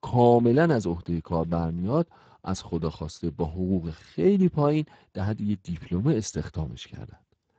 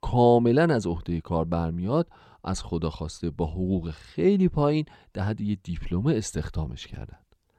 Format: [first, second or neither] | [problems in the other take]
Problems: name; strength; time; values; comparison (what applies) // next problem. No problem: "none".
second | garbled, watery; badly; nothing above 7.5 kHz